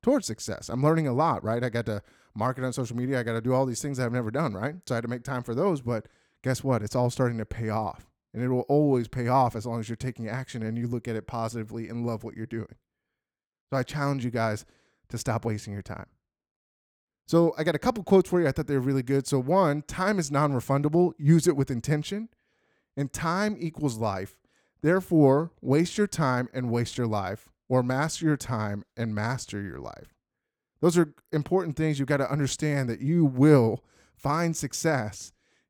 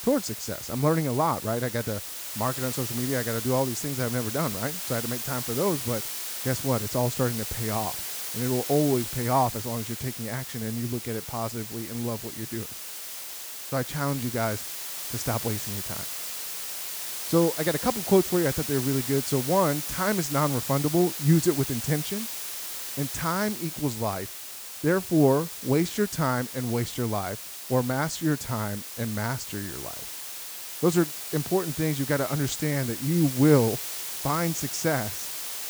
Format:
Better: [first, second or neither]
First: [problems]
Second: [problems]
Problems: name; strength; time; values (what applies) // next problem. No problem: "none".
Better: first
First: none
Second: hiss; loud; throughout; 5 dB below the speech